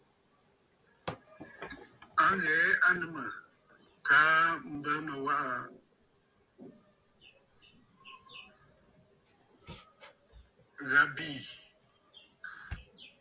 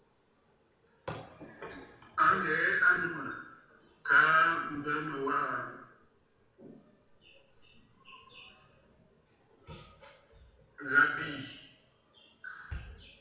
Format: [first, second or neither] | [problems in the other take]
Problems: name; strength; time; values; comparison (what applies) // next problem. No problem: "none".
first | room echo; dies away in 0.8 s